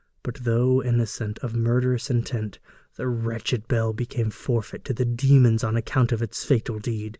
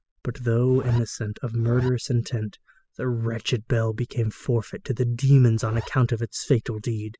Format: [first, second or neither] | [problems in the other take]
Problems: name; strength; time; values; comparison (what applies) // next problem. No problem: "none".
first | noise reduction (classical method spectral subtraction)